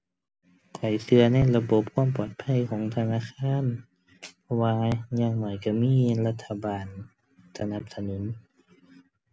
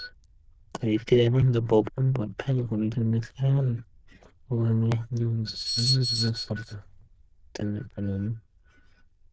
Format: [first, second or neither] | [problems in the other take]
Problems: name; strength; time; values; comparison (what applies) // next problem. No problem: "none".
first | noise reduction (neural diffusion model UNIVERSE++)